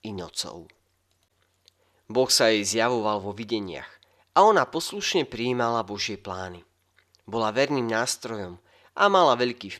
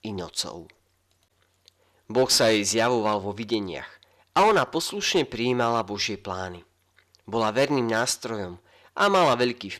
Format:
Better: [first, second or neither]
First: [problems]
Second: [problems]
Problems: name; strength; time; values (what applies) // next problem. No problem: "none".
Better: first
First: none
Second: distortion; slight; 3% of the sound clipped